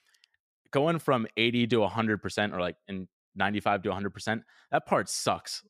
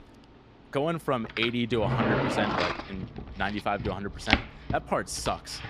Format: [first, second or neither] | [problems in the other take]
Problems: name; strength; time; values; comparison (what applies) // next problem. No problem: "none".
first | household noises; loud; throughout; 1 dB below the speech